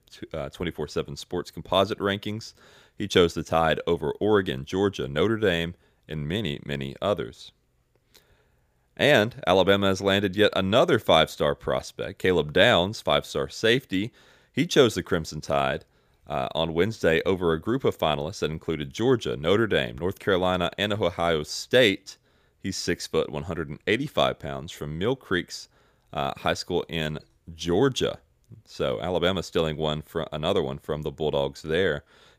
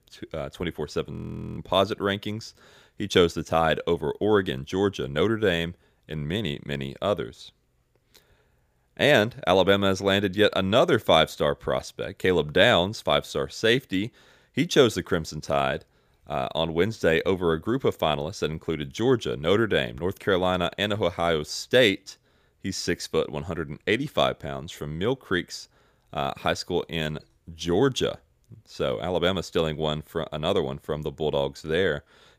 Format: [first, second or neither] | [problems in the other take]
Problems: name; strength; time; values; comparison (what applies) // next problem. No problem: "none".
first | audio freezing; at 1 s